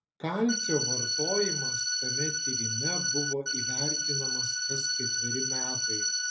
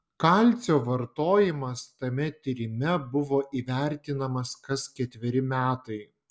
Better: second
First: background sound (Organ); 4 dB above the speech // room echo; dies away in 0.3 s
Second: none

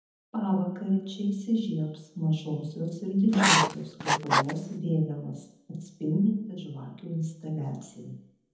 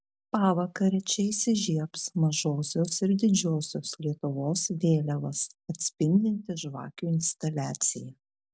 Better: second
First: background sound (Writing); 4 dB above the speech // room echo; dies away in 1 s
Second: none

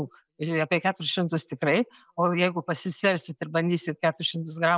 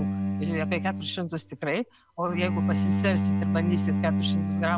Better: first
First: none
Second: background sound (Bowed string instrument); 4 dB above the speech

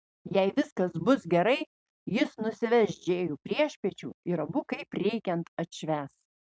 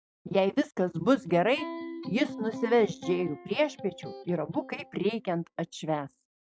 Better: first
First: none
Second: noise reduction (classical method log-MMSE)

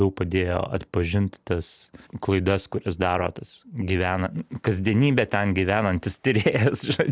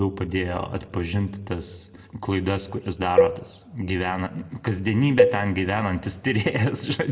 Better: first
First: none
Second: background sound (Cowbell); 1 dB below the speech // room echo; dies away in 1 s

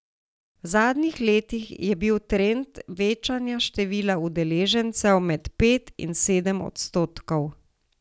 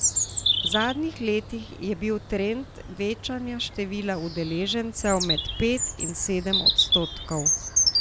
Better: first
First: none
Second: background sound (Bird vocalization, bird call, bird song); 1 dB above the speech

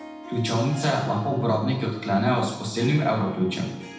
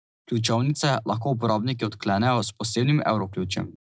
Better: second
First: background sound (Harp); 16 dB below the speech // room echo; dies away in 0.9 s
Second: none

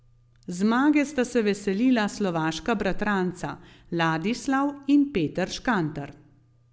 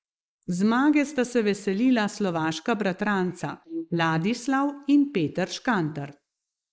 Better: first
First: none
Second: noise reduction (neural mask model Resemble Enhance denoiser)

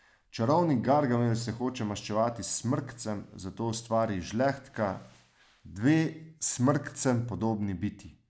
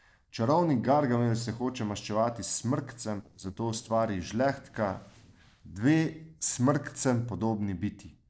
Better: first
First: none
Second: noise reduction (neural separator model SepFormer DNS4)

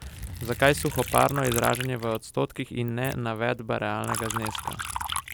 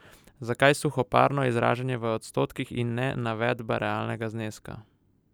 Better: second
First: background sound (Liquid); 8 dB below the speech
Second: none

